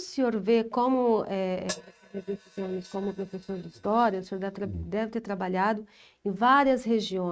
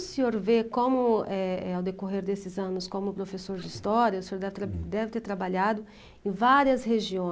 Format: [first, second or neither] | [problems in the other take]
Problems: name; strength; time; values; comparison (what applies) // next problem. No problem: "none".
second | noise reduction (neural mask model RNNoise)